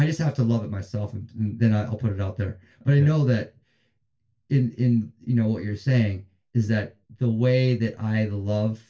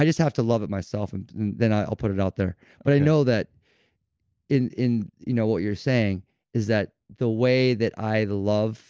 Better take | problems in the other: second | room echo; dies away in 0.2 s

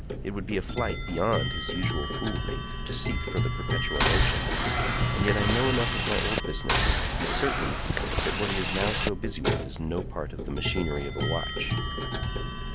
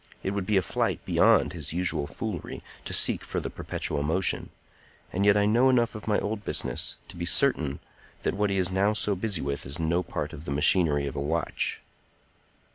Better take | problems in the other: second | background sound (Clock + Boat, Water vehicle); 4 dB above the speech

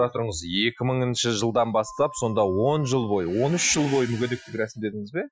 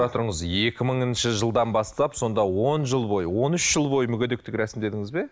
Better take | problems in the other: second | noise reduction (classical method Wiener filter)

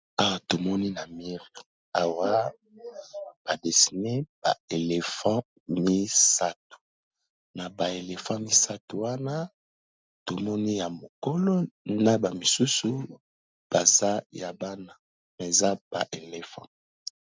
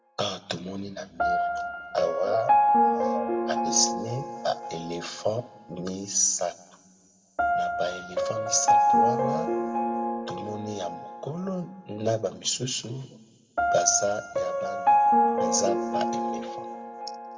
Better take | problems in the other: first | background sound (Piano); 4 dB above the speech // room echo; dies away in 1.2 s

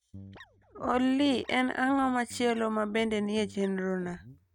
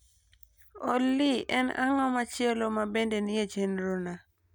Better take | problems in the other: second | noise reduction (neural mask model RNNoise)

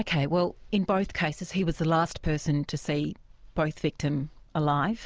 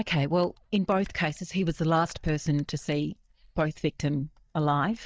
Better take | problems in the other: first | noise reduction (neural mask model DeepFilterNet 3)

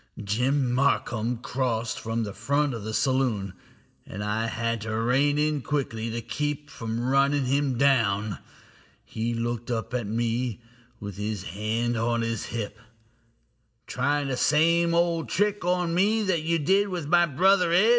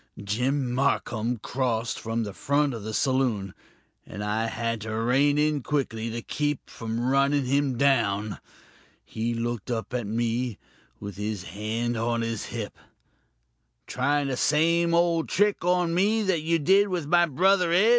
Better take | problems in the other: second | room echo; dies away in 0.7 s

